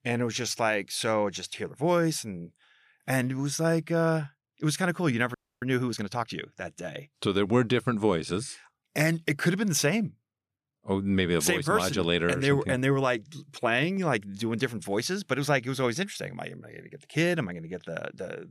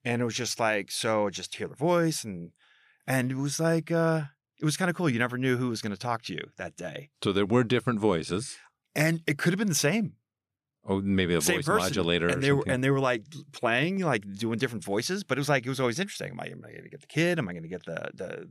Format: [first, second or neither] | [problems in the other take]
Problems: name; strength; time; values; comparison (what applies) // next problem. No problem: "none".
second | audio freezing; at 5.5 s